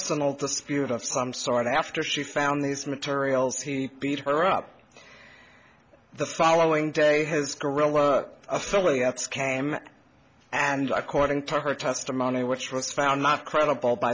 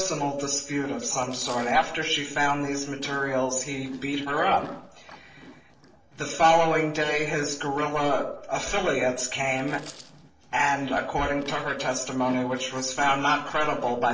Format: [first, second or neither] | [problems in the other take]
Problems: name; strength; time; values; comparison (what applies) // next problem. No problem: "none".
first | noise reduction (neural separator model SepFormer DNS4)